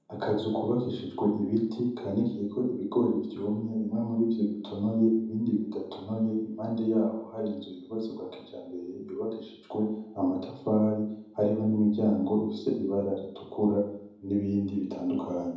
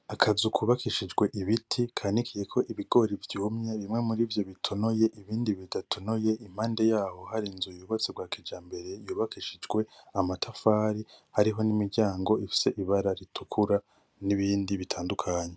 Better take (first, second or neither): second